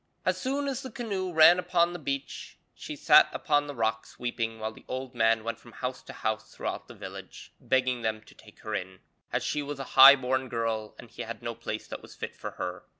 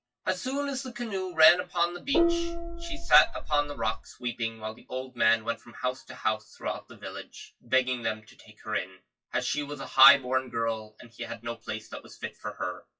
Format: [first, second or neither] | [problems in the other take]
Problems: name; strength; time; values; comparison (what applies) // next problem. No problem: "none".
first | noise reduction (classical method WPE with log-MMSE)